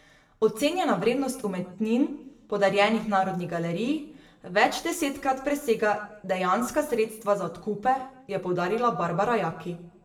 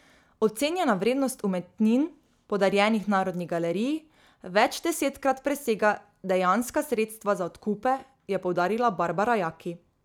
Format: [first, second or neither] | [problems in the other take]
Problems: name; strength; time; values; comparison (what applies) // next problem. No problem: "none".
second | room echo; dies away in 0.6 s